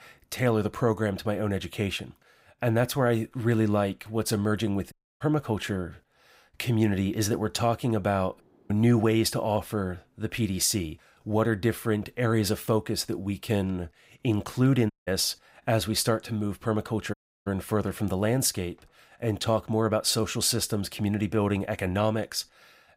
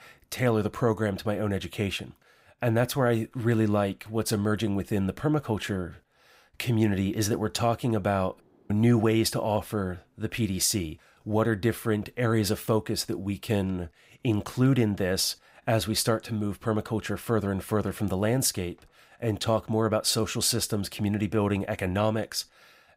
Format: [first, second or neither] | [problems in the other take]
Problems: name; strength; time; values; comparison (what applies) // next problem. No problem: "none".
second | audio cutting out; at 5 s, at 15 s and at 17 s